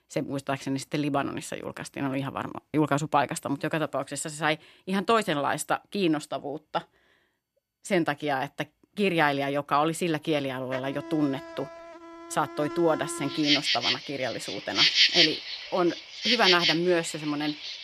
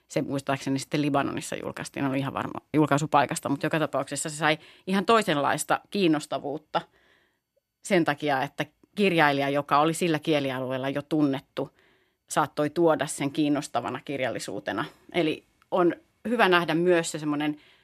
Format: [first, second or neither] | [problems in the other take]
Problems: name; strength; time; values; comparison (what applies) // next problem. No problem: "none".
second | animal sounds; very loud; from 10 s on; 5 dB above the speech